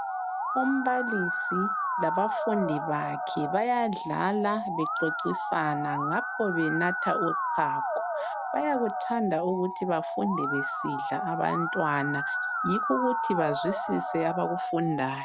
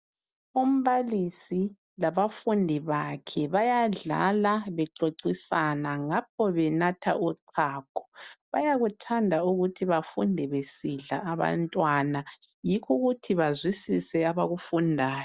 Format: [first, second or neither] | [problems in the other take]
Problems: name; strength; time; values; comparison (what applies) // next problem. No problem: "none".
second | background sound (Musical instrument); 1 dB below the speech